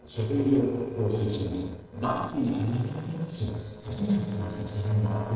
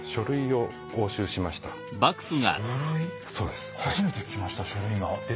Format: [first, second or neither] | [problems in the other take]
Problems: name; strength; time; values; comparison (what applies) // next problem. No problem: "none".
second | noise reduction (neural separator model SepFormer DNS4)